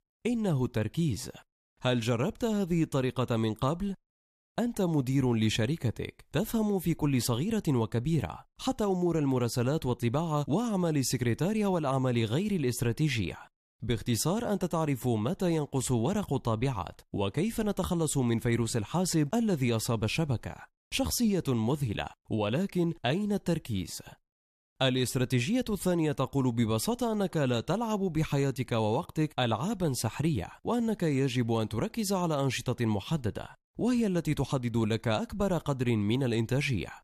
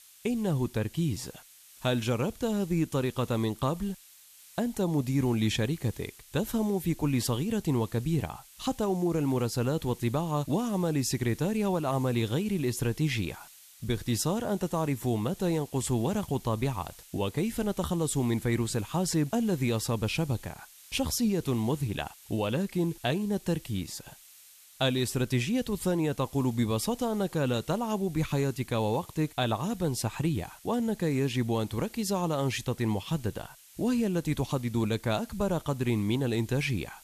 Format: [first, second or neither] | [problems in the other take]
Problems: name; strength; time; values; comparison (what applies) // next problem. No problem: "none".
first | hiss; faint; throughout; 20 dB below the speech